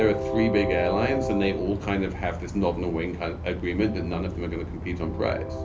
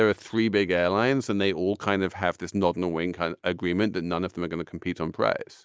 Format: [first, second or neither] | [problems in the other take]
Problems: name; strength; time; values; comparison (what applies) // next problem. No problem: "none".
second | background sound (Train); 4 dB below the speech // room echo; dies away in 0.3 s